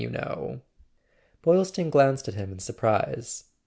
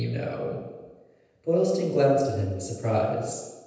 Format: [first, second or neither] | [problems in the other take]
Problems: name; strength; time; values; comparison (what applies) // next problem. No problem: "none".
first | room echo; dies away in 1.1 s